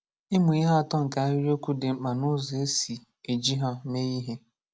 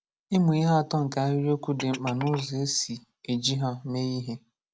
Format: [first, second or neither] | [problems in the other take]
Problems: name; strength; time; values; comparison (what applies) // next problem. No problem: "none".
first | background sound (Glass); 17 dB below the speech